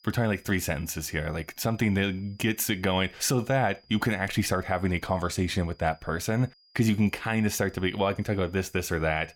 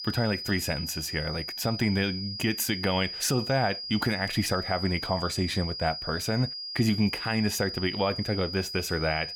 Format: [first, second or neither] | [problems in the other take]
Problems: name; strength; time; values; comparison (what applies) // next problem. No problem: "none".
first | high-pitched whine; loud; throughout; 5 kHz, 6 dB below the speech; faint in the first